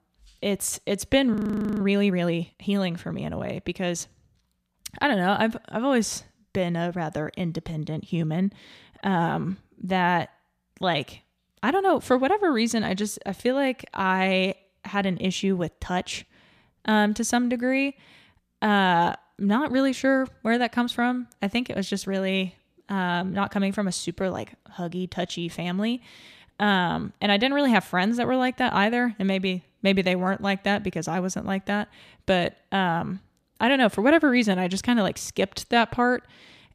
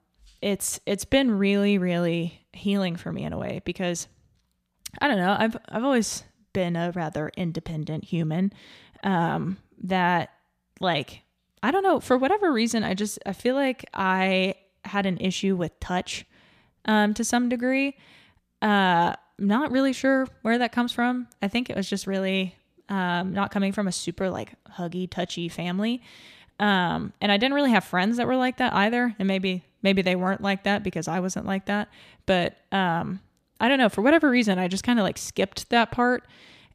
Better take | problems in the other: second | audio freezing; at 1.5 s

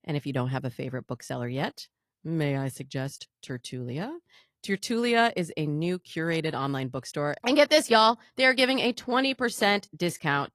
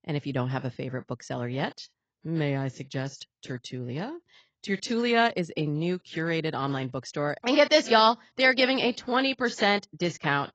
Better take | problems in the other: first | garbled, watery; badly; nothing above 7.5 kHz; slightly in the first

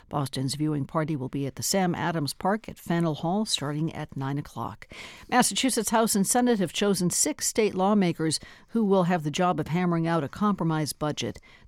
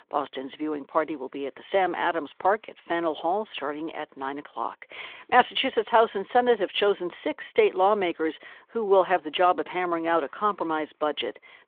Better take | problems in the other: first | phone-call audio; nothing above 3.5 kHz

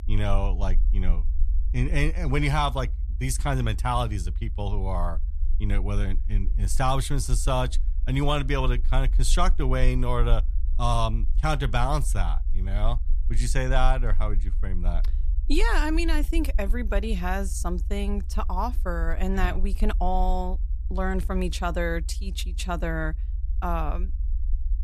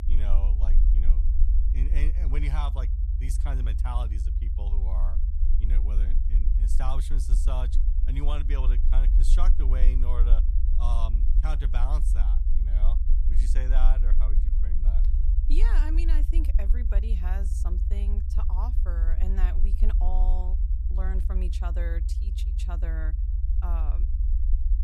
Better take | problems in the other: first | low rumble; loud; throughout; 7 dB below the speech; faint in the first

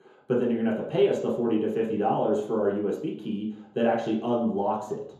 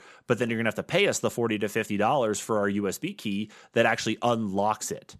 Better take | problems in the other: second | room echo; noticeable; dies away in 1.7 s // off-mic speech; far

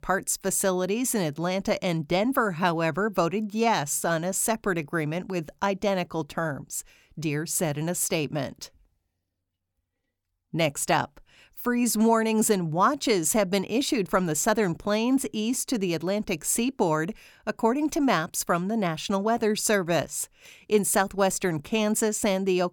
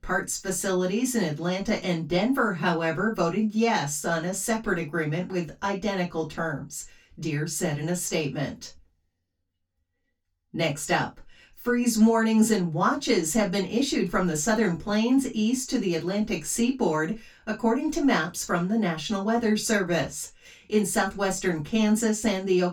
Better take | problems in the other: first | room echo; slight; dies away in 0.2 s // off-mic speech; far

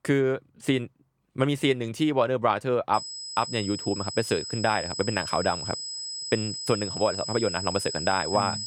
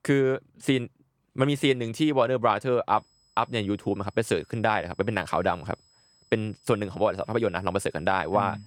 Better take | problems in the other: second | high-pitched whine; loud; from 3 s on; 5 kHz, 5 dB below the speech; faint in the second

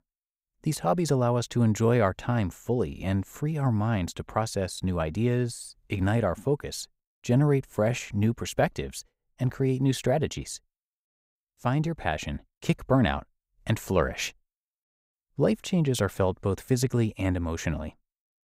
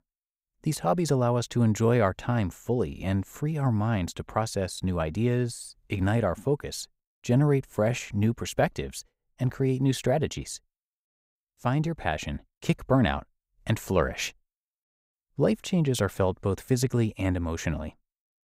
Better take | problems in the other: neither | none

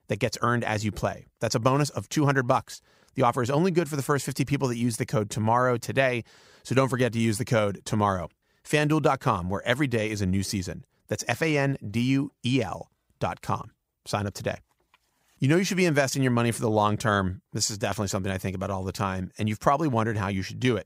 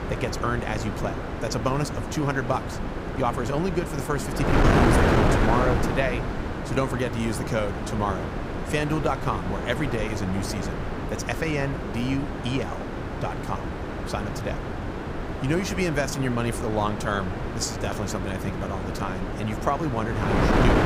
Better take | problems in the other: first | wind noise on the microphone; heavy; 1 dB below the speech

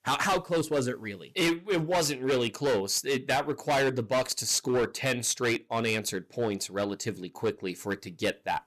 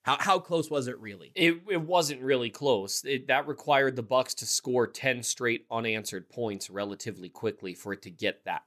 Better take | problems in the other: second | distortion; heavy; 12% of the sound clipped

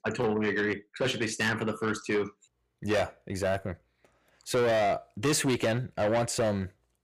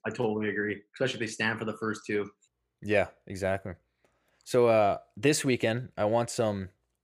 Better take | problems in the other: second | distortion; heavy; 7 dB below the speech

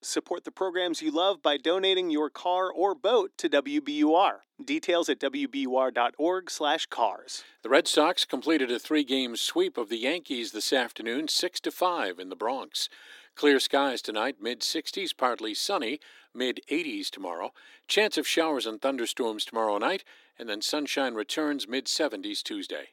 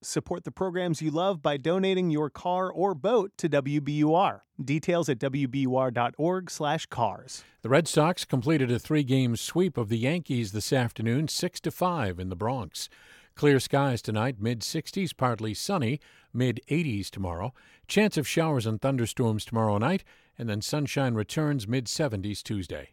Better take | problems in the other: second | thin; somewhat; fading below 300 Hz

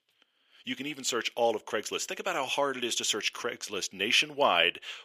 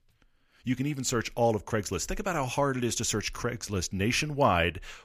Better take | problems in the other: second | thin; somewhat; fading below 400 Hz

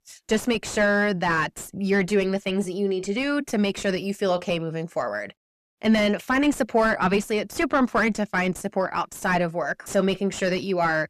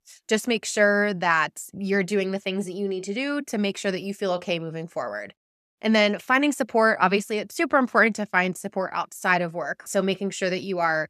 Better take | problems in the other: second | distortion; heavy; 7 dB below the speech

